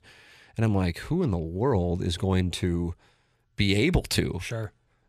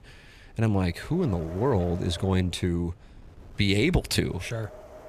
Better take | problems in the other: first | wind noise on the microphone; occasional gusts; 15 dB below the speech

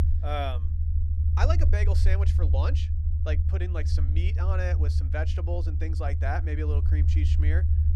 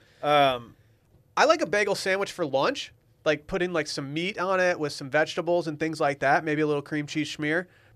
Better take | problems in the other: second | low rumble; loud; throughout; 6 dB below the speech

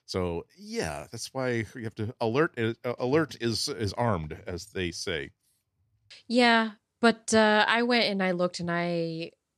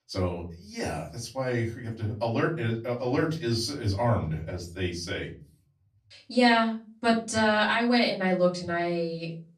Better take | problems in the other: first | off-mic speech; far // room echo; very slight; dies away in 0.5 s

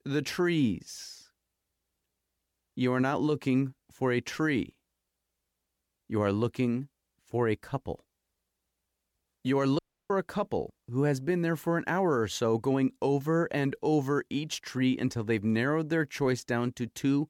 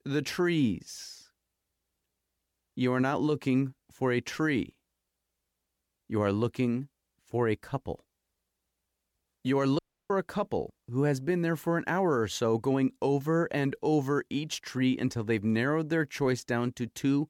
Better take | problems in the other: neither | audio cutting out; at 10 s; the same in both

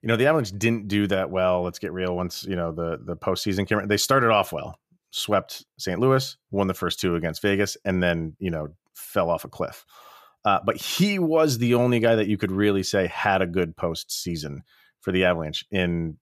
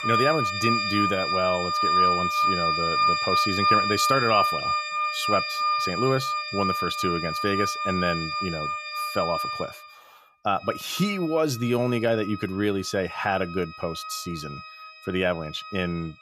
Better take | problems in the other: first | background music; very loud; throughout; 3 dB above the speech

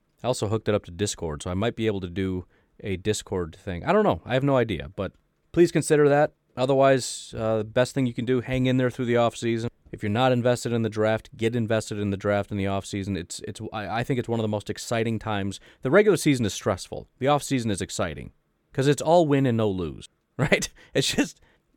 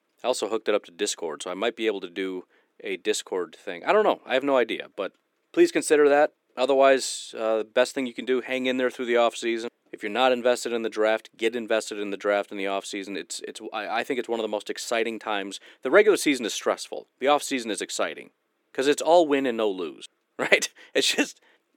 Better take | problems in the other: first | thin; somewhat; fading below 300 Hz

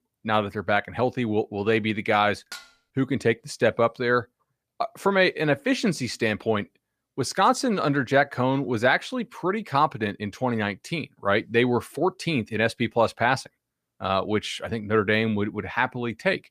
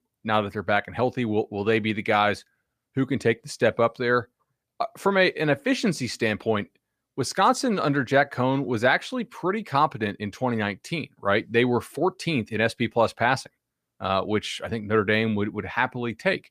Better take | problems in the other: second | clattering dishes; faint; at 2.5 s; peak 15 dB below the speech

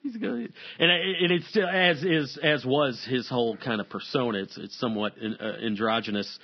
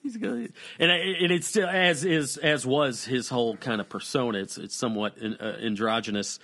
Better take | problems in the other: second | garbled, watery; badly; nothing above 5.5 kHz; slightly in the second

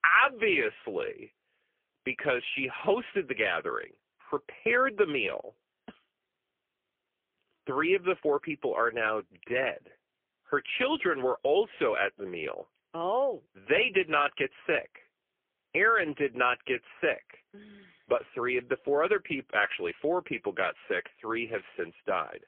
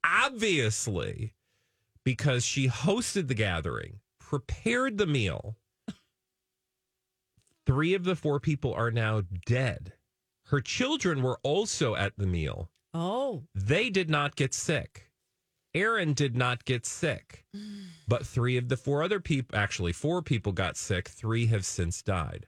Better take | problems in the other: second | phone-call audio; poor line

